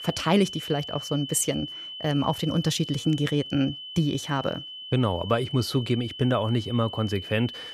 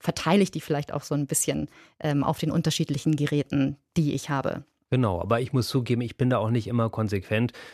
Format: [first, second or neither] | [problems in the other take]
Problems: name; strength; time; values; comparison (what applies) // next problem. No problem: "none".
second | high-pitched whine; loud; throughout; 3 kHz, 10 dB below the speech